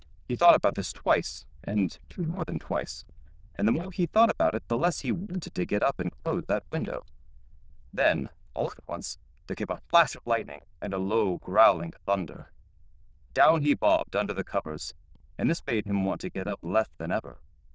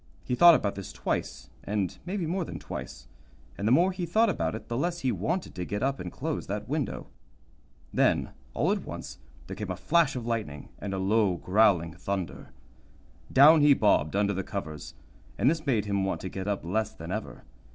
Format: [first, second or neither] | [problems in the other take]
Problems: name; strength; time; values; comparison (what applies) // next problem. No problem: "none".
second | noise reduction (neural diffusion model UNIVERSE++)